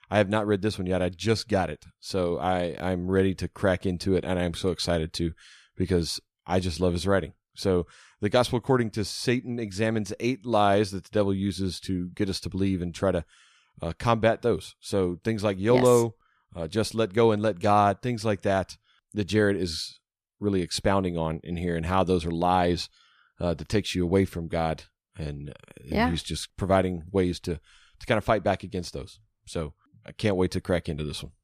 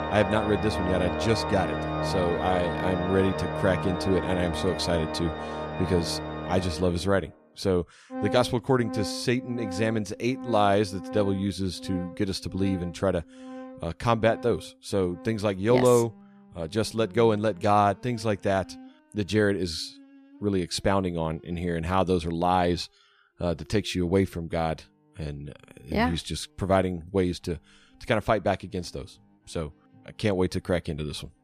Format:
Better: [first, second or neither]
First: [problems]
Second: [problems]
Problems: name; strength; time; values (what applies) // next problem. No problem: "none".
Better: first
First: none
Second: background music; loud; throughout; 7 dB below the speech